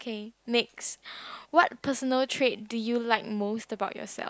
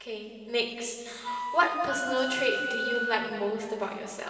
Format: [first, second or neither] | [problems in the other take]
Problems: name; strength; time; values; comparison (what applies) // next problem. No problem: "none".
first | background sound (Wind instrument, woodwind instrument); 3 dB below the speech // room echo; dies away in 2.5 s